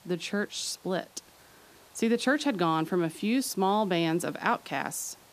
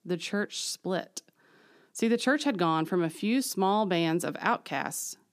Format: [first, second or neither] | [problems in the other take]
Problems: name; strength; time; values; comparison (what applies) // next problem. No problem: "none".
second | hiss; faint; throughout; 25 dB below the speech